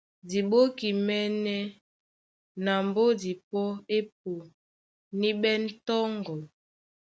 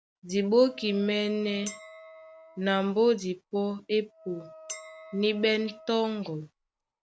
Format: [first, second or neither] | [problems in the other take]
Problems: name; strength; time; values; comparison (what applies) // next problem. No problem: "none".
first | background sound (Chink, clink + Wind instrument, woodwind instrument); 20 dB below the speech